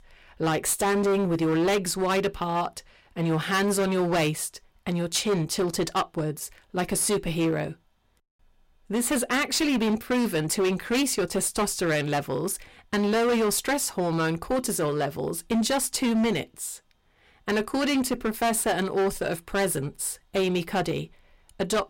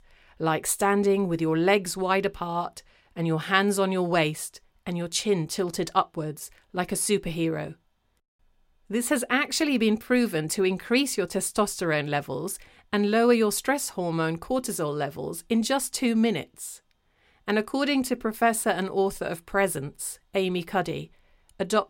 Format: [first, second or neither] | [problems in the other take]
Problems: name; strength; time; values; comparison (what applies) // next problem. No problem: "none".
second | distortion; heavy; 14% of the sound clipped